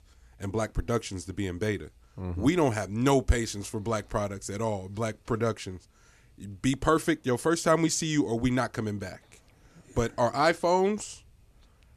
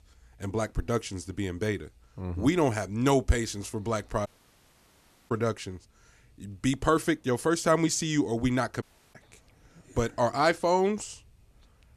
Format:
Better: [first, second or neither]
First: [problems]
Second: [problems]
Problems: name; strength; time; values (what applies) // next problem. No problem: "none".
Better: first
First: none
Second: audio cutting out; at 4.5 s for 1 s and at 9 s